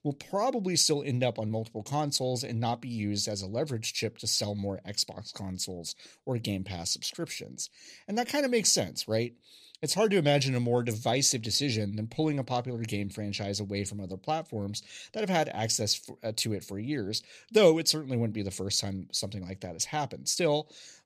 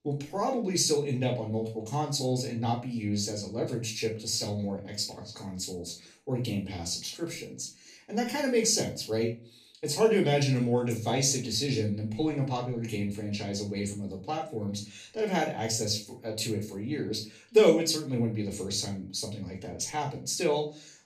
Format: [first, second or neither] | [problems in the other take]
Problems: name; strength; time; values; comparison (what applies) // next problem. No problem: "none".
first | off-mic speech; far // room echo; slight; dies away in 0.3 s